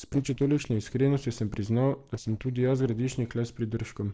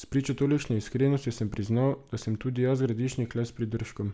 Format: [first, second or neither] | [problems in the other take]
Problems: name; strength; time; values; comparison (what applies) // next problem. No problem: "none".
second | noise reduction (neural separator model SepFormer DNS4)